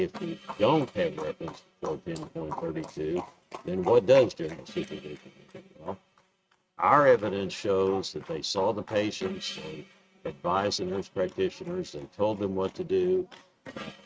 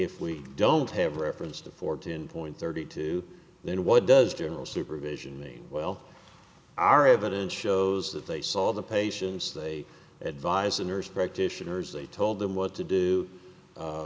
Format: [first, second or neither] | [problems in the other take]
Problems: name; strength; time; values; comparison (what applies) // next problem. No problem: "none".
second | noise reduction (neural mask model RNNoise)